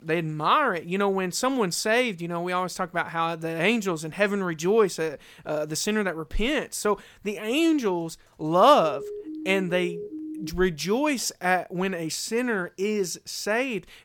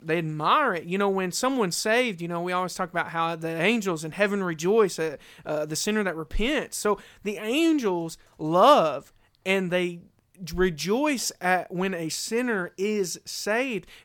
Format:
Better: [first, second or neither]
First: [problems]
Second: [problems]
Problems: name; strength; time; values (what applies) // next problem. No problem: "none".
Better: second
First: siren; faint; from 9 to 11 s; peak 10 dB below the speech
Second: none